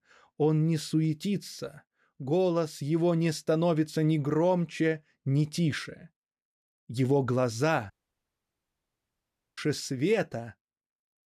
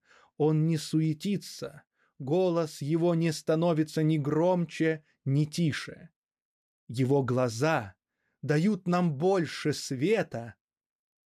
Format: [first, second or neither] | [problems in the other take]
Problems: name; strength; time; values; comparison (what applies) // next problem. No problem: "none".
second | audio cutting out; at 8 s for 1.5 s